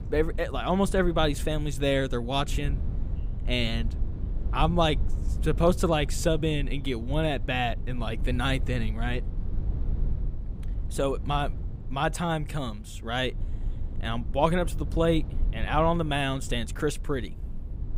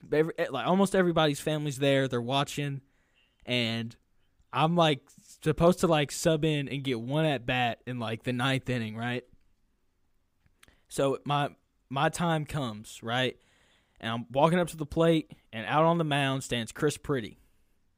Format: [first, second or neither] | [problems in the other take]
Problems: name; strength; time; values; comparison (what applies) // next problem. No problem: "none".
second | low rumble; faint; throughout; 20 dB below the speech